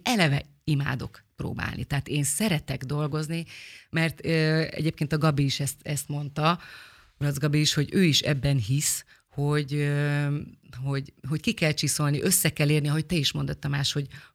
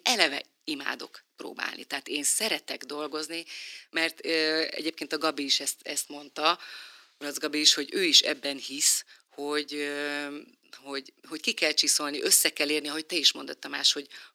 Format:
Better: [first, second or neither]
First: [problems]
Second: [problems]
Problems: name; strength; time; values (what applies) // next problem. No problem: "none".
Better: first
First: none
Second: thin; somewhat; fading below 300 Hz